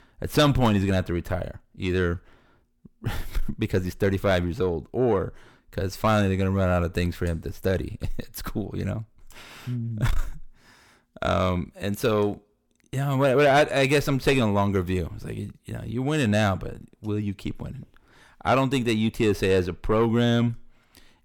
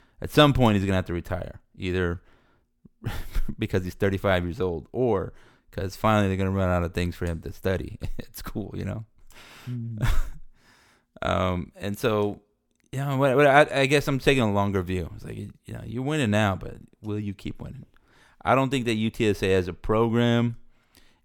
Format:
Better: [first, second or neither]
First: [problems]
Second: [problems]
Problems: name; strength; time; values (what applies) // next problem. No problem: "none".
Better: second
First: distortion; slight; 10 dB below the speech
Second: none